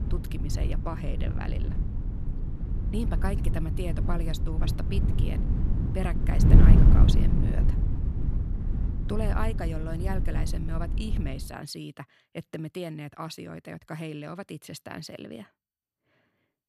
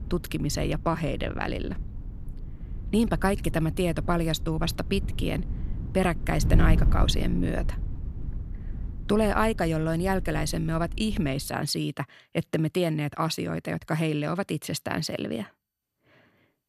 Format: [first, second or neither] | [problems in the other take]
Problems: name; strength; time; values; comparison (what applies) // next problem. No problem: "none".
second | wind noise on the microphone; heavy; until 11 s; 1 dB below the speech; occasional gusts in the second